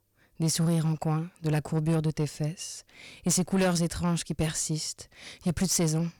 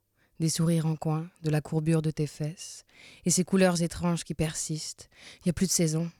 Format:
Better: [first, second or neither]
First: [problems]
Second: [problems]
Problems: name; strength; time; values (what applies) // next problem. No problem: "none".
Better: second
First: distortion; slight; 10 dB below the speech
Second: none